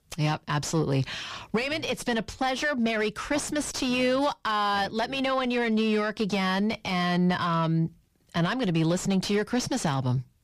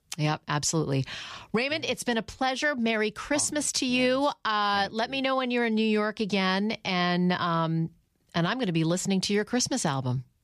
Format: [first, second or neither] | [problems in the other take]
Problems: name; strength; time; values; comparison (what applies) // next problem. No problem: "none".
second | distortion; slight; 10 dB below the speech